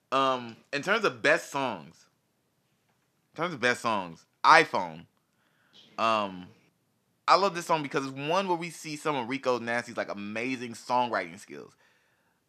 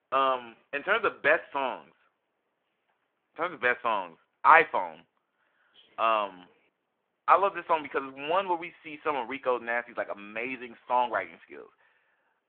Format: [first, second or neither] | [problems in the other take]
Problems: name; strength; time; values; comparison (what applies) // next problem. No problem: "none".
first | phone-call audio